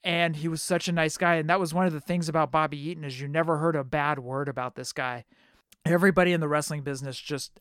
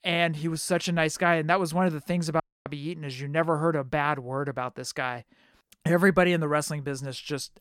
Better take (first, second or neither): first